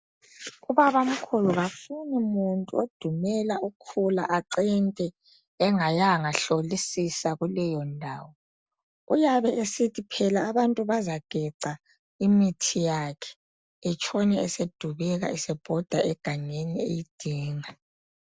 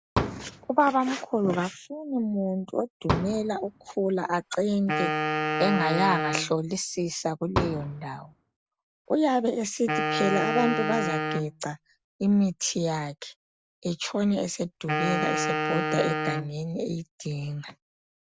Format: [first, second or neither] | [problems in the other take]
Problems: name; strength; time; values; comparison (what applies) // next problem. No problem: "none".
first | background sound (Wind instrument, woodwind instrument + Fireworks); 2 dB below the speech